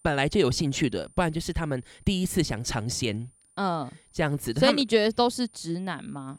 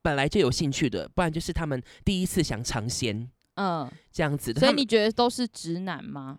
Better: second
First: high-pitched whine; faint; throughout; 9 kHz, 30 dB below the speech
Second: none

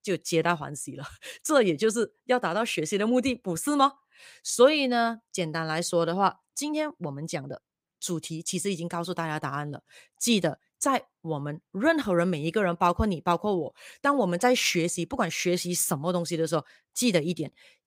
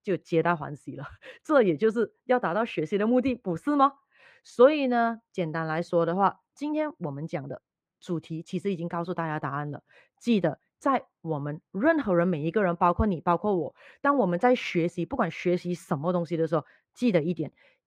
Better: first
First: none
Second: muffled; very; fading above 4 kHz

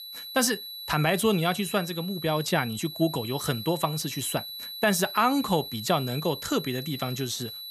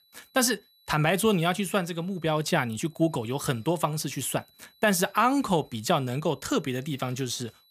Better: second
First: high-pitched whine; loud; throughout; 4 kHz, 9 dB below the speech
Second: high-pitched whine; faint; throughout; 4 kHz, 30 dB below the speech

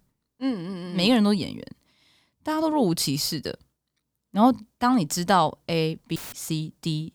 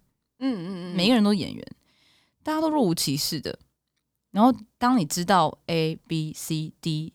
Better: second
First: audio cutting out; filled with static; at 6 s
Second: none

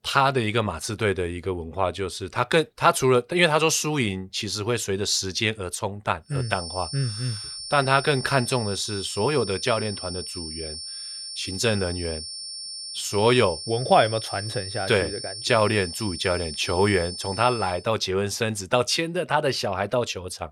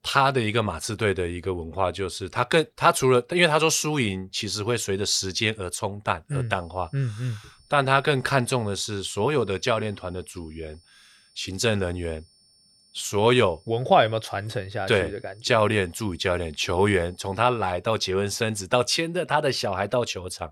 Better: second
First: high-pitched whine; loud; from 6.5 to 18 s; 5.5 kHz, 9 dB below the speech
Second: high-pitched whine; faint; from 6.5 to 18 s; 5.5 kHz, 35 dB below the speech

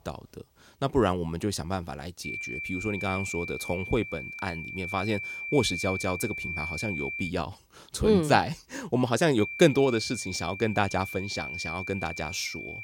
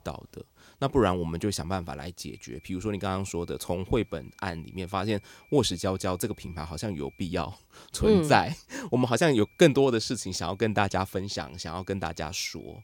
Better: second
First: high-pitched whine; loud; from 2.5 to 7.5 s and from 9.5 s on; 2.5 kHz, 6 dB below the speech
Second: high-pitched whine; faint; from 2.5 to 7.5 s and from 9.5 s on; 2.5 kHz, 30 dB below the speech

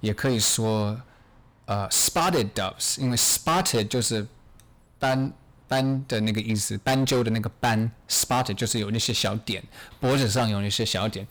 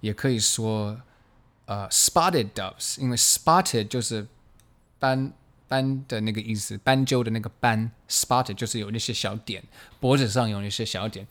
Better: second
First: distortion; heavy; 14% of the sound clipped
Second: none

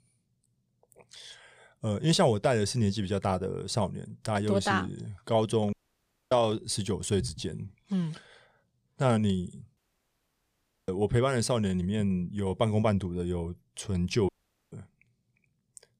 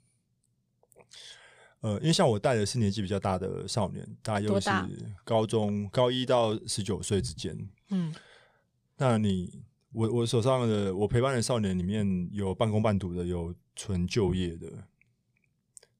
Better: second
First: audio cutting out; at 5.5 s for 0.5 s, at 10 s for 1 s and at 14 s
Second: none

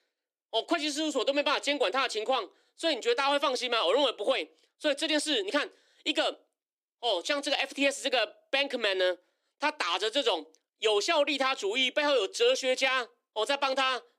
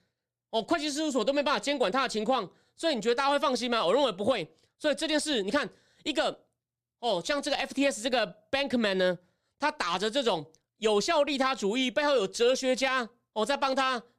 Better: second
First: thin; very slightly; fading below 300 Hz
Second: none

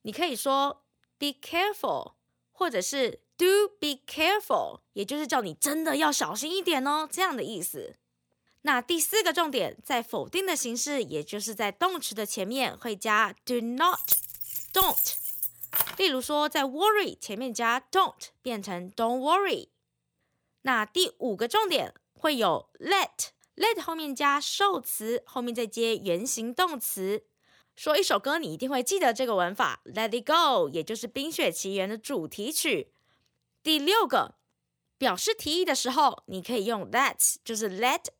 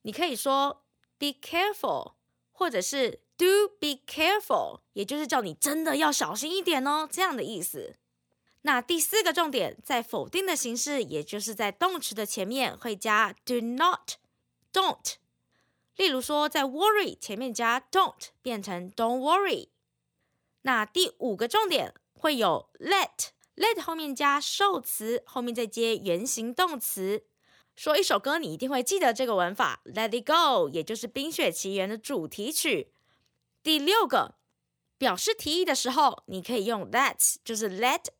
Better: second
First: jangling keys; loud; from 14 to 16 s; peak 3 dB above the speech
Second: none

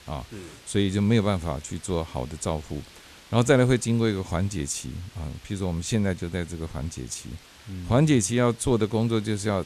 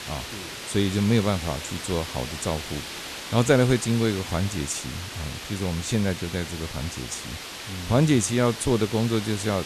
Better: first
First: hiss; faint; throughout; 25 dB below the speech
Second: hiss; loud; throughout; 9 dB below the speech

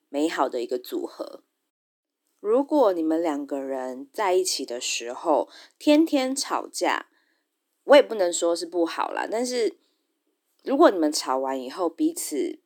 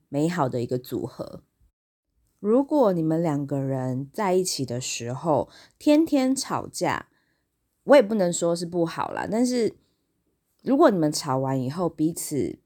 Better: second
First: thin; very slightly; fading below 300 Hz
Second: none

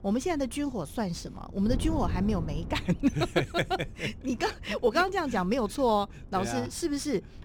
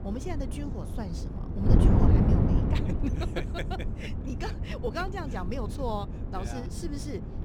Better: first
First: wind noise on the microphone; occasional gusts; 20 dB below the speech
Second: wind noise on the microphone; heavy; 1 dB below the speech

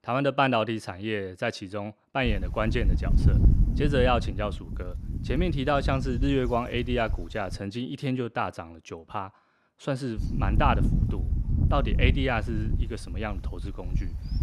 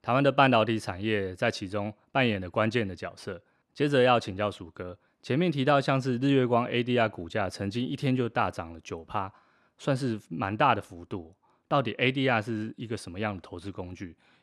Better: second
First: wind noise on the microphone; occasional gusts; from 2.5 to 7.5 s and from 10 s on; 15 dB below the speech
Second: none

